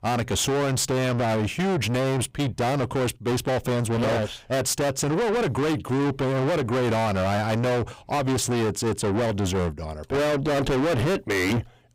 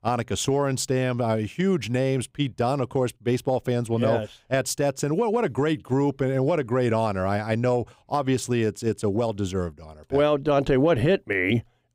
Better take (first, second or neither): second